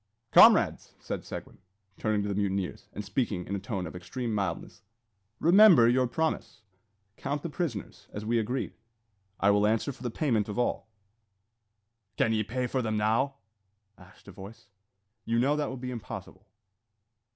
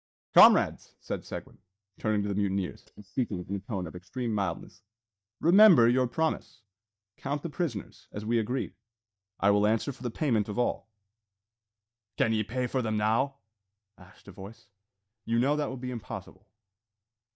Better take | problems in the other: first | noise reduction (neural mask model DeepFilterNet 3)

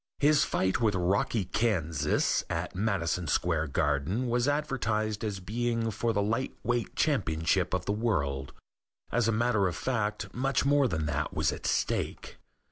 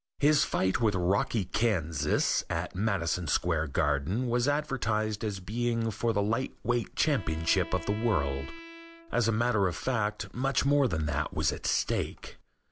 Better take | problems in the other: first | background sound (Bowed string instrument); 17 dB below the speech

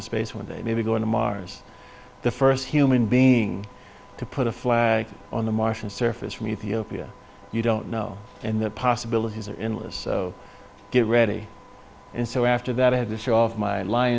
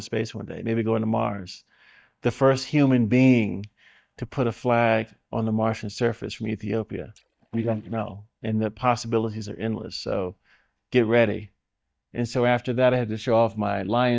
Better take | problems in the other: first | noise reduction (neural mask model DeepFilterNet 3)

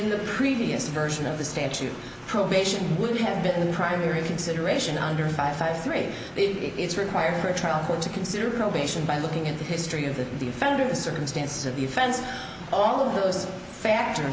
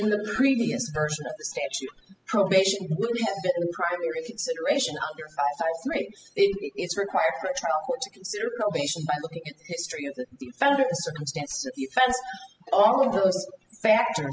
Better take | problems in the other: first | noise reduction (classical method spectral subtraction)

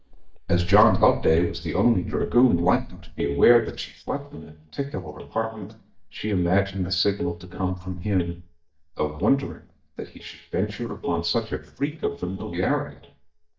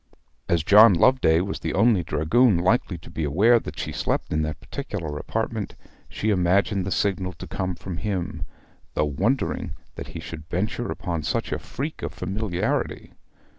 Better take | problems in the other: second | noise reduction (neural mask model DeepFilterNet 3)

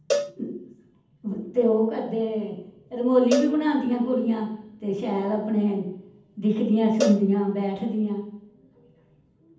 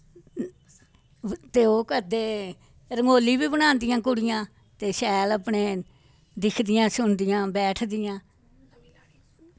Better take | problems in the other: second | background sound (Cowbell); 8 dB below the speech // room echo; dies away in 0.8 s

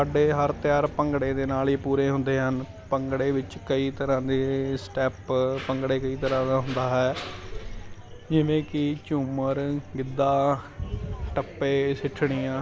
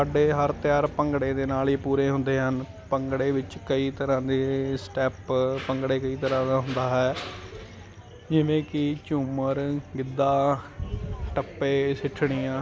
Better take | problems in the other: second | background sound (Meow / Purr); 19 dB below the speech

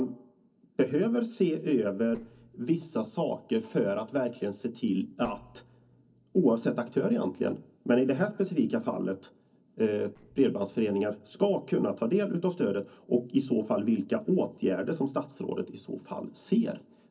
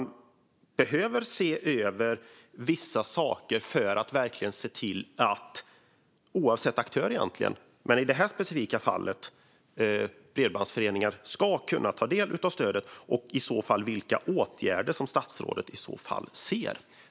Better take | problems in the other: second | noise reduction (neural separator model SepFormer DNS4)

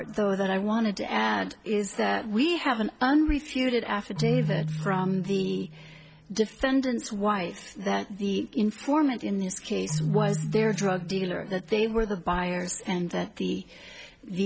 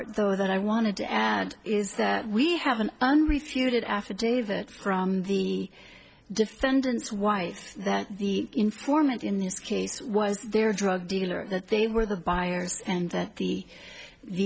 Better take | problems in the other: second | background sound (Keyboard (musical)); 10 dB below the speech

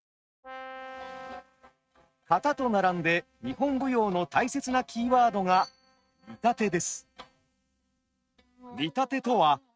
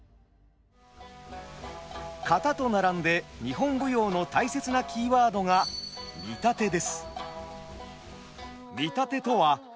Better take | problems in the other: second | noise reduction (neural mask model RNNoise)

